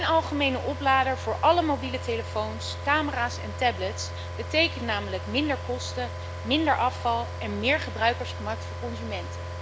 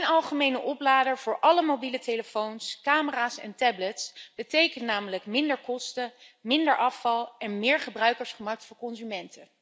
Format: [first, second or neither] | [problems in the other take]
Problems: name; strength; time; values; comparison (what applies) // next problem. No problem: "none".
second | background sound (Car); 7 dB below the speech